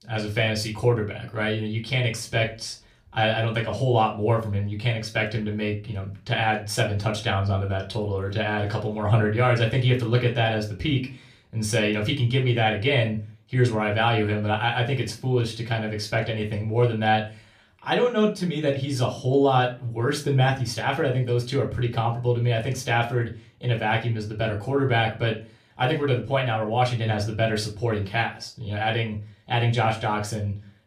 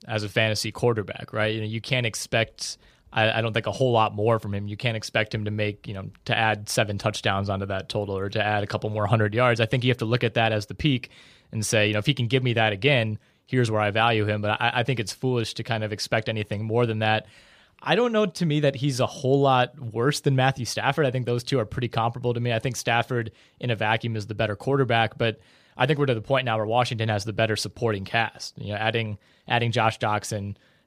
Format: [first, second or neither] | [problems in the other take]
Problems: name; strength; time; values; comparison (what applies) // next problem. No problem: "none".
second | off-mic speech; somewhat distant // room echo; very slight; dies away in 0.3 s